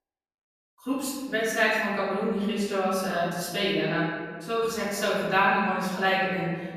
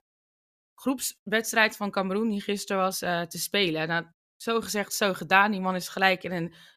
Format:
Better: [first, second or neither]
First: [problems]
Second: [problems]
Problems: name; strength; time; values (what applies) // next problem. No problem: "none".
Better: second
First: room echo; noticeable; dies away in 1.7 s // off-mic speech; far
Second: none